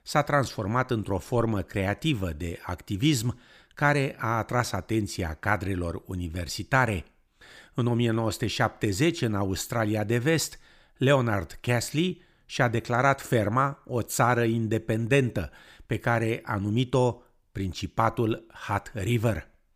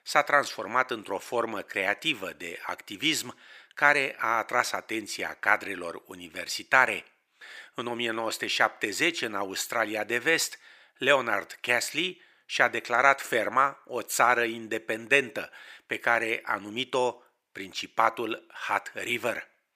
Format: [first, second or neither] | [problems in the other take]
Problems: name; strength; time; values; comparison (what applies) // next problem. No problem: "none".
first | thin; very; fading below 450 Hz